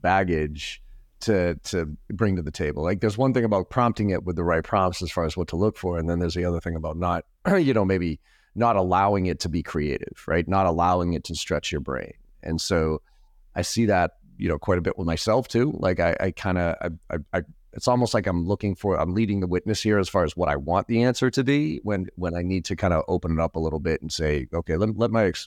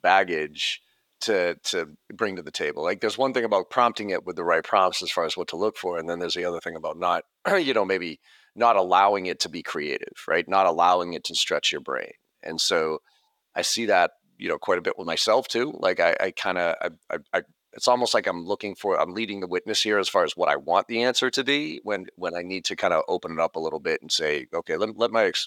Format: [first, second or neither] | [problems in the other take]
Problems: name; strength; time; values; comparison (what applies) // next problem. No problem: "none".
first | thin; somewhat; fading below 450 Hz